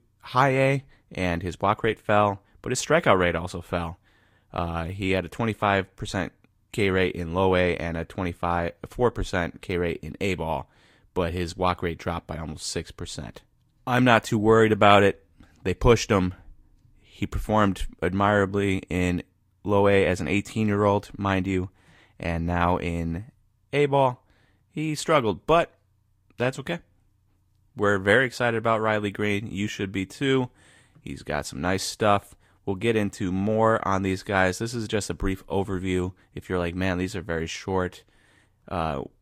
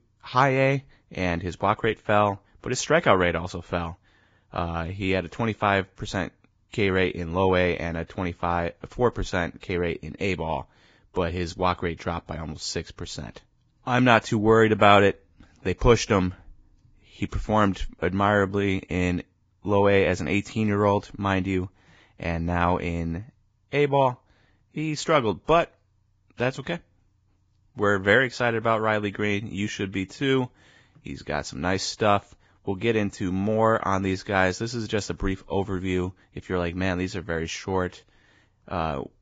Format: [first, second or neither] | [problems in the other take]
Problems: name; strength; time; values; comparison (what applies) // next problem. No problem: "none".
first | garbled, watery; badly; nothing above 7.5 kHz; slightly in the first